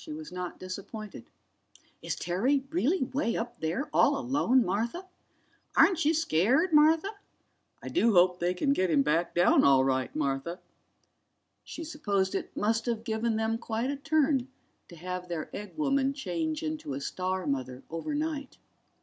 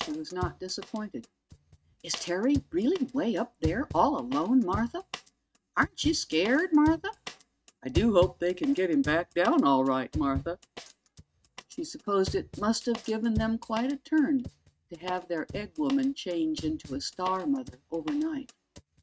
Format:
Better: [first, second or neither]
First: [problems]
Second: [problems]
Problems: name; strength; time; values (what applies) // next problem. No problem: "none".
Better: first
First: none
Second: noise reduction (neural mask model RNNoise)